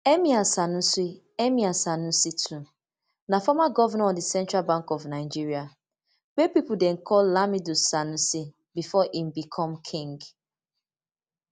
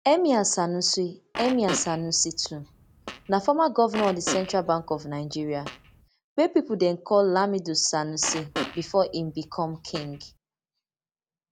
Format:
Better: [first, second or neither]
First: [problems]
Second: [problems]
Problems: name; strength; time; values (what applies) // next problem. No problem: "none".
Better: first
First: none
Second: background sound (Fart); 11 dB below the speech